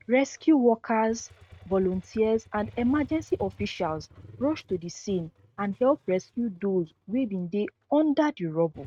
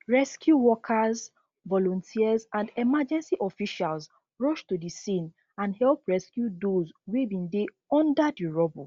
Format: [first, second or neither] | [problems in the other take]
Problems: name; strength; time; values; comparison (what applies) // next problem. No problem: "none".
second | noise reduction (neural mask model RNNoise)